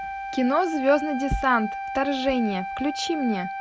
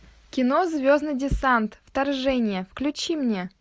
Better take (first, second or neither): second